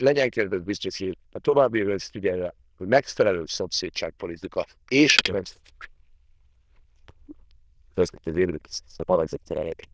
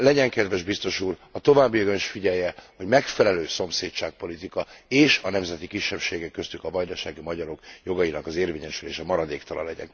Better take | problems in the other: second | noise reduction (neural diffusion model UNIVERSE++)

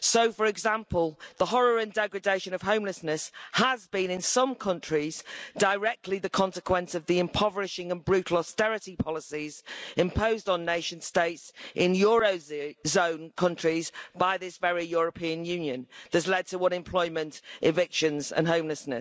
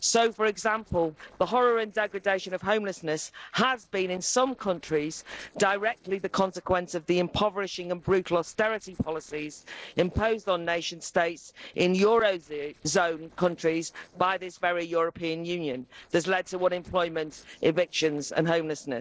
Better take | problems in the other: first | noise reduction (neural separator model SepFormer DNS4)

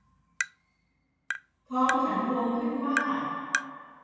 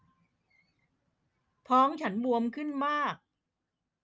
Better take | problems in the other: second | background sound (Tap); 7 dB below the speech // room echo; dies away in 2.1 s

